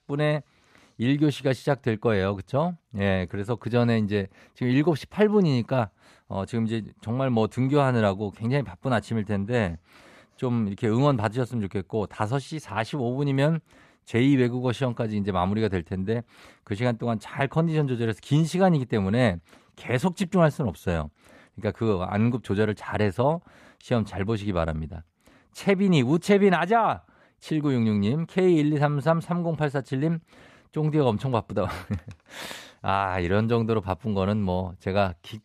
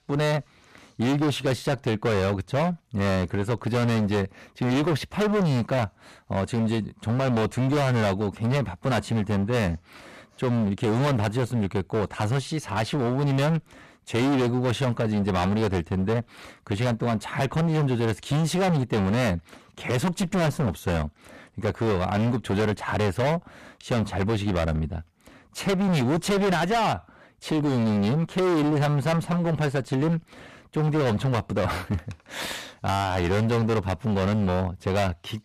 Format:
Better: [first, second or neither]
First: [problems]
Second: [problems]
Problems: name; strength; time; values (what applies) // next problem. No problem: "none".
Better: first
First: none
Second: distortion; heavy; 28% of the sound clipped